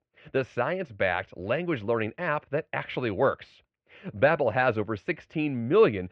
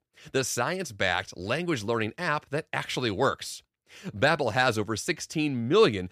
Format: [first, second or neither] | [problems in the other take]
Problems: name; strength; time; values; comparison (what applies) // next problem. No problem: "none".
second | muffled; very; fading above 2.5 kHz